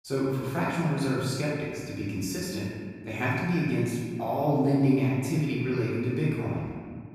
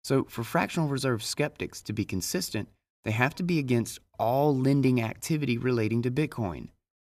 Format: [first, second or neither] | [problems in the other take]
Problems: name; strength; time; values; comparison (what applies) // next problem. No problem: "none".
second | room echo; strong; dies away in 1.8 s // off-mic speech; far